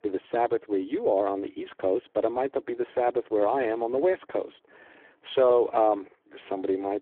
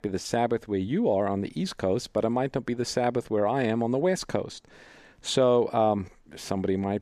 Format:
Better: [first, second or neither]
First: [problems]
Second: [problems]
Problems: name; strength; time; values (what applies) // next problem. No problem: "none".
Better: second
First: phone-call audio; poor line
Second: none